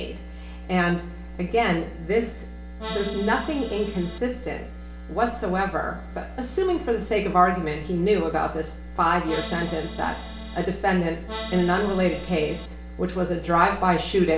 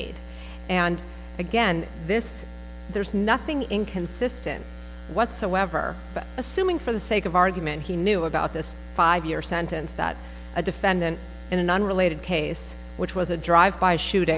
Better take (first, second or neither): second